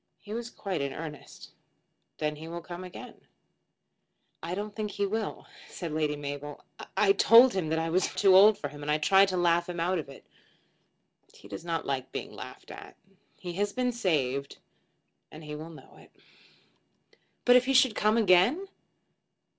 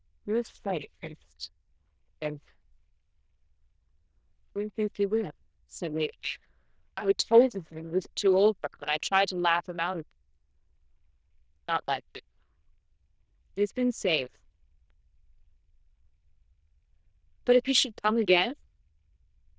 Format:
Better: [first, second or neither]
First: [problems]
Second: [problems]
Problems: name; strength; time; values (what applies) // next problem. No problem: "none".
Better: first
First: none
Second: noise reduction (neural diffusion model UNIVERSE++)